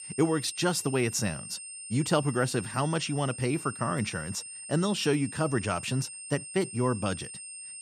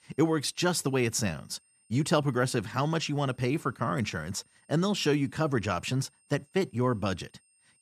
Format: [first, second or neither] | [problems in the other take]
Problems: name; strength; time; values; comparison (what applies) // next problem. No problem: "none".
second | high-pitched whine; loud; throughout; 8.5 kHz, 10 dB below the speech; faint in the second